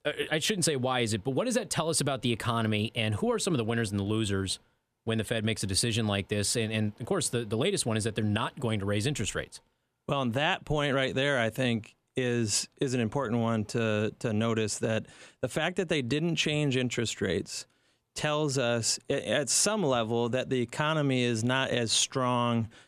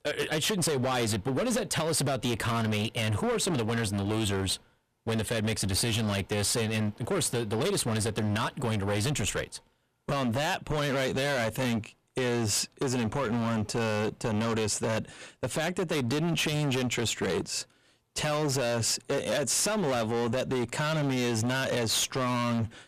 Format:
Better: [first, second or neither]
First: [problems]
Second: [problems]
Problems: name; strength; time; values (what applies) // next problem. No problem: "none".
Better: first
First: none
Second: distortion; heavy; 25% of the sound clipped